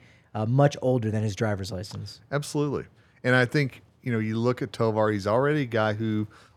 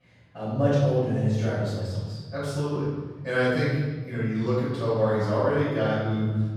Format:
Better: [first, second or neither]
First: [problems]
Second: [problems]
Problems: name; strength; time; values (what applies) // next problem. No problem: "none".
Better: first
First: none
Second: off-mic speech; far // room echo; strong; dies away in 1.5 s